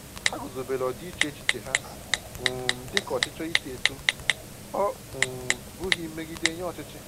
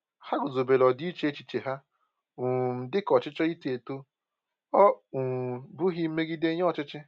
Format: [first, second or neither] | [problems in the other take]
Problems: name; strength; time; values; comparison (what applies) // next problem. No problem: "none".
second | background sound (Typing); 4 dB above the speech